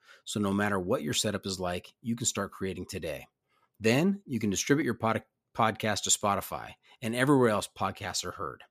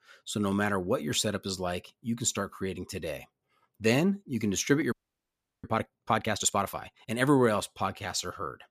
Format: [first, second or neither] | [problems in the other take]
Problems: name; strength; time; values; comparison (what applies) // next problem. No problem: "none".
first | audio freezing; at 5 s for 0.5 s